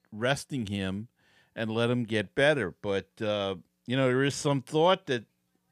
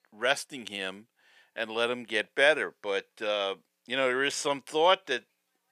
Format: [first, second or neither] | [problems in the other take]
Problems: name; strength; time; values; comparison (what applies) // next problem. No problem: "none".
first | thin; somewhat; fading below 500 Hz